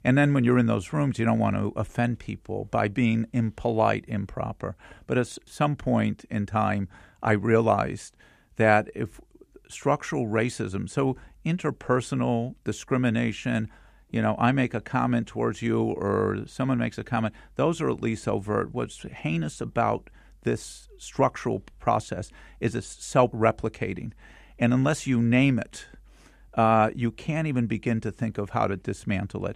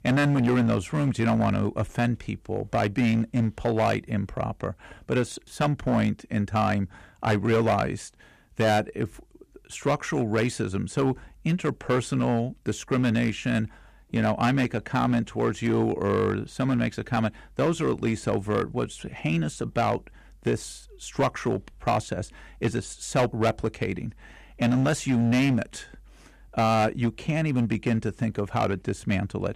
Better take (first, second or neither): first